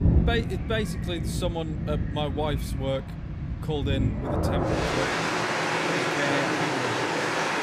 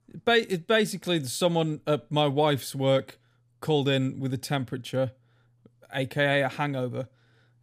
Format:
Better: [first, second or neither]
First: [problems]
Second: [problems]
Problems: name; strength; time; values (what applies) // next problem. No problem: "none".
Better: second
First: rain or running water; very loud; throughout; 5 dB above the speech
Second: none